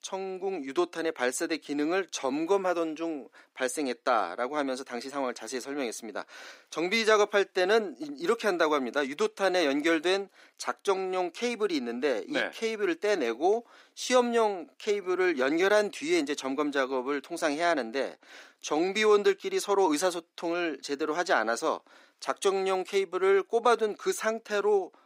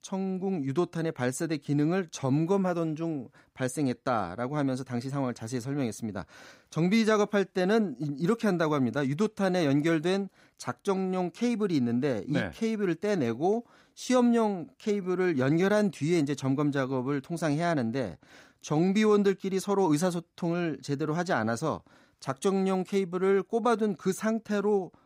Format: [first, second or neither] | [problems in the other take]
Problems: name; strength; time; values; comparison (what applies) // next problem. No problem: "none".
second | thin; somewhat; fading below 350 Hz